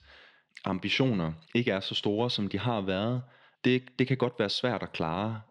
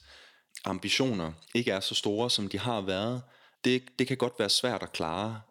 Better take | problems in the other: second | muffled; very slightly; fading above 3 kHz

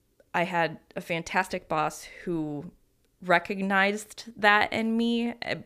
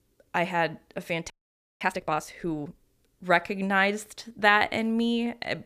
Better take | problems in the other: first | audio freezing; at 1.5 s for 0.5 s

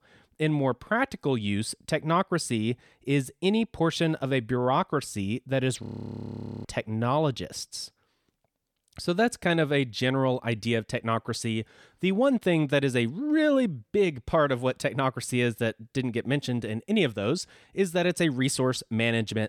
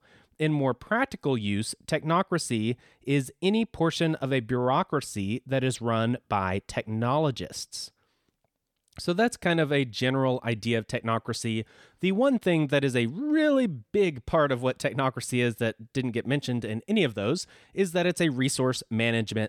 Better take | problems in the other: second | audio freezing; at 6 s for 1 s

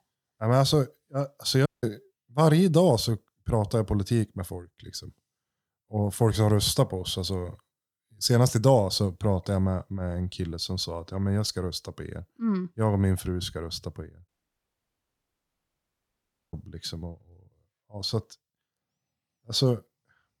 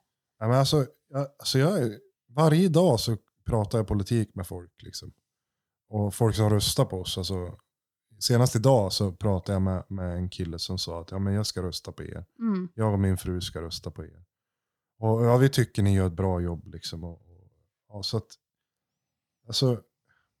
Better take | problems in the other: second | audio cutting out; at 1.5 s and at 14 s for 2.5 s

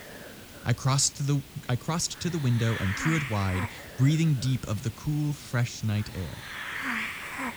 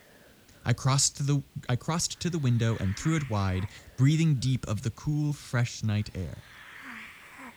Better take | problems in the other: second | hiss; loud; throughout; 9 dB below the speech; faint in the second

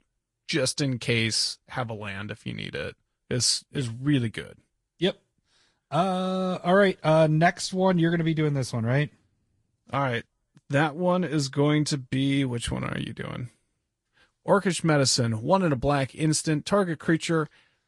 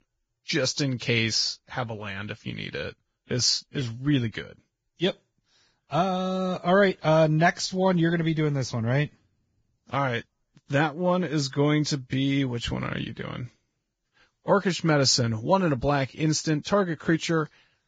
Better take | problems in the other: first | garbled, watery; badly; nothing above 7.5 kHz; slightly in the first

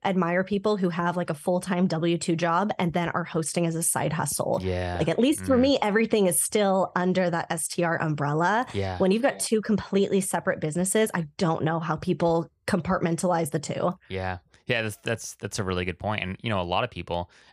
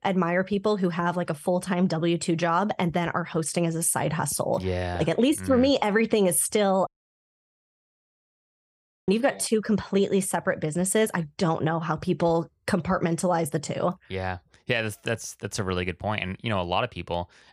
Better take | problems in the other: first | audio cutting out; at 7 s for 2 s

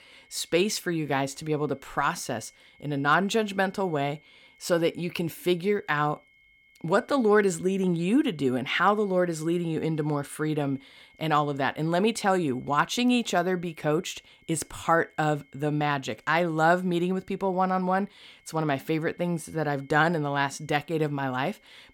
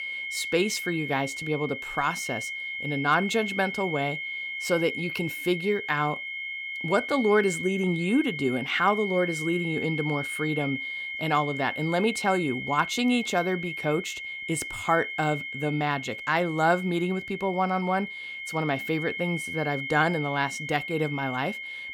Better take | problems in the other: first | high-pitched whine; loud; throughout; 2 kHz, 5 dB below the speech; faint in the first

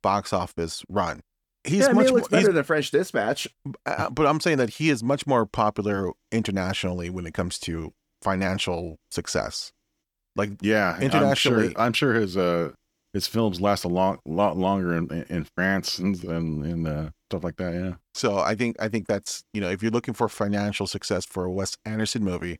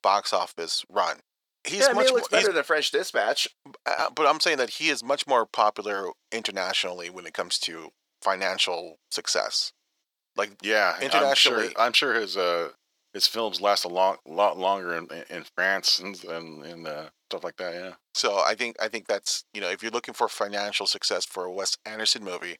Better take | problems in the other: first | thin; very; fading below 650 Hz

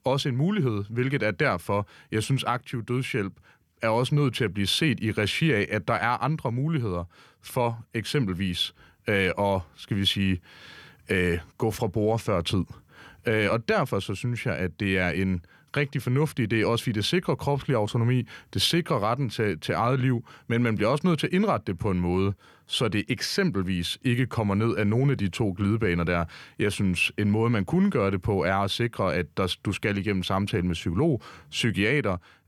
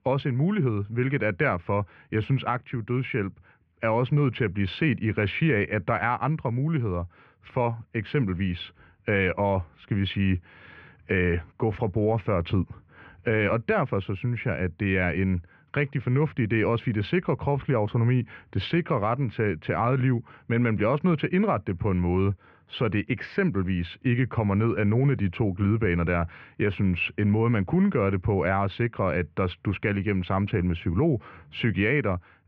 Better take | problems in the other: first | muffled; very; fading above 2.5 kHz

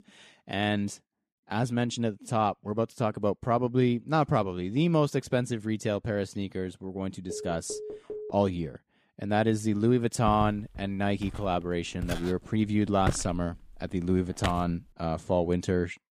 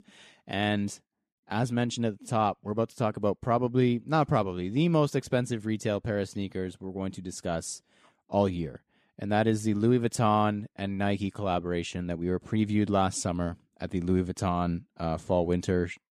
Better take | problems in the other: second | phone ringing; faint; from 7.5 to 8.5 s; peak 10 dB below the speech // footsteps; noticeable; from 10 to 15 s; peak 5 dB below the speech

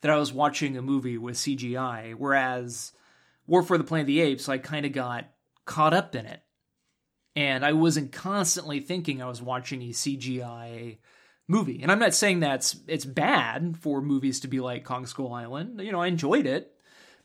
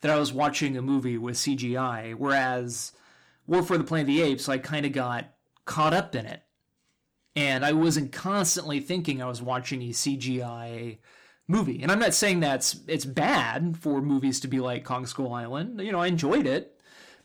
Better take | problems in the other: first | distortion; slight; 10 dB below the speech

